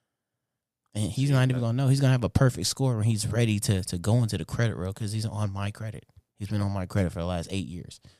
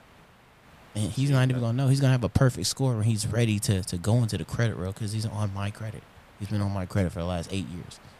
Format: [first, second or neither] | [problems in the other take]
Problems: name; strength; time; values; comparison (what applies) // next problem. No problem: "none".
first | hiss; faint; throughout; 25 dB below the speech